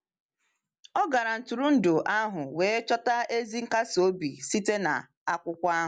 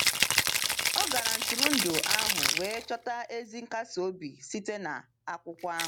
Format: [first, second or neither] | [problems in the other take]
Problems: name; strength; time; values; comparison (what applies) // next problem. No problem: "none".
first | background sound (Rattle (instrument)); 5 dB above the speech